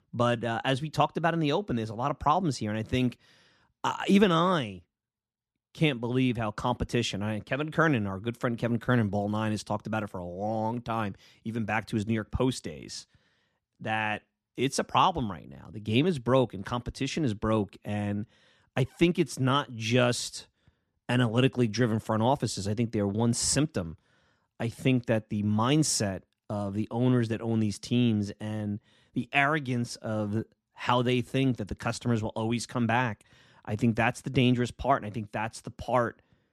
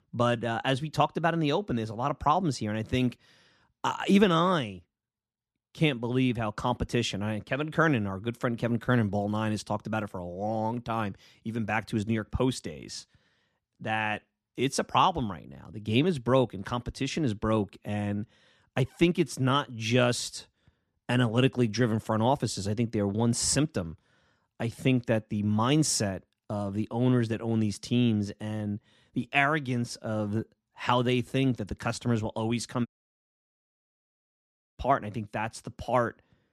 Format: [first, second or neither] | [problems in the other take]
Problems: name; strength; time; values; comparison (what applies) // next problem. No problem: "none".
first | audio cutting out; at 33 s for 2 s